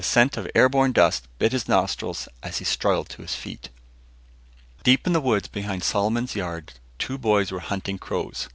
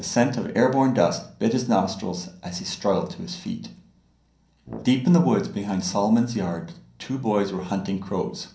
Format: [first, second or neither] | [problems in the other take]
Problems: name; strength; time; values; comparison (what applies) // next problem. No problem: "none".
first | background sound (Brass instrument); 16 dB below the speech // room echo; dies away in 0.6 s